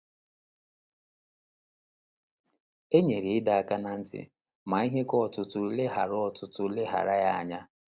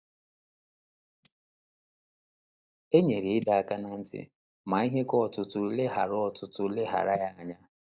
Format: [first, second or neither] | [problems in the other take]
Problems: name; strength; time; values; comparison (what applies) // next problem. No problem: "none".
first | noise reduction (neural mask model DeepFilterNet 3)